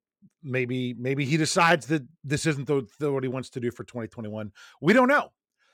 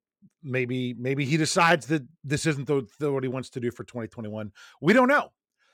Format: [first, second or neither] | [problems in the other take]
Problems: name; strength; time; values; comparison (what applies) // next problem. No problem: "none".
neither | none